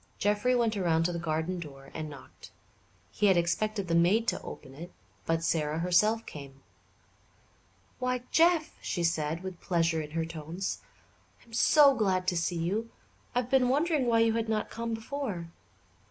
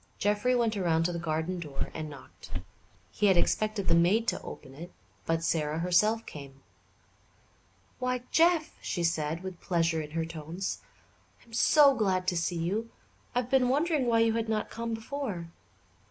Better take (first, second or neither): first